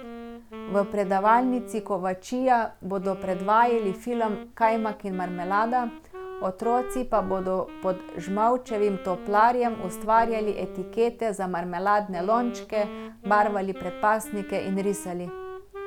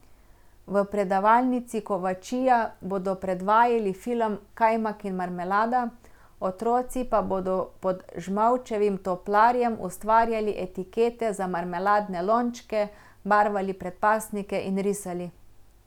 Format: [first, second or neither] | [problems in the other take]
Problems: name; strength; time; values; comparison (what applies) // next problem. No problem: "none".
second | background sound (Wind instrument, woodwind instrument); 14 dB below the speech